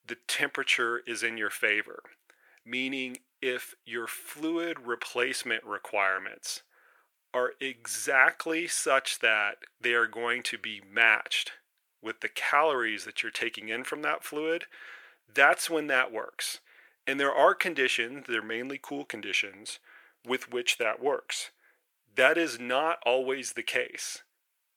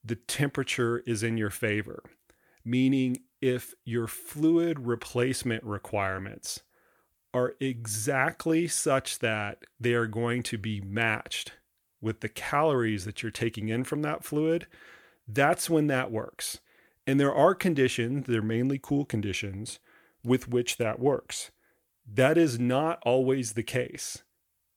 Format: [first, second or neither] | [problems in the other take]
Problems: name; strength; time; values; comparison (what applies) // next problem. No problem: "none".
second | thin; very; fading below 500 Hz